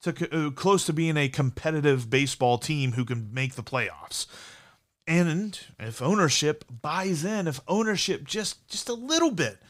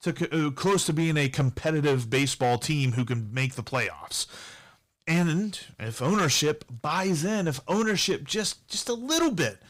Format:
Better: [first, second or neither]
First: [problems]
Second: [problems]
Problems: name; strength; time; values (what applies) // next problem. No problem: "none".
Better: first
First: none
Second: distortion; slight; 8% of the sound clipped